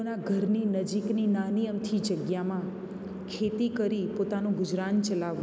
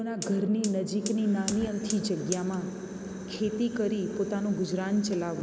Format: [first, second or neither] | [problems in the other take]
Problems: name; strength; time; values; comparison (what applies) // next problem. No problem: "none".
first | background sound (Fire); 15 dB below the speech